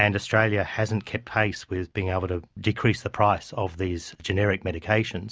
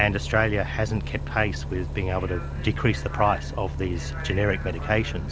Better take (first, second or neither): first